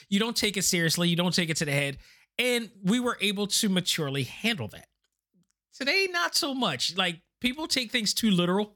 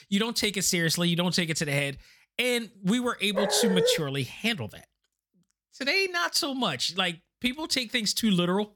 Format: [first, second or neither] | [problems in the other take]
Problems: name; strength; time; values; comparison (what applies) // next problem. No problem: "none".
first | dog barking; loud; at 3.5 s; peak level with the speech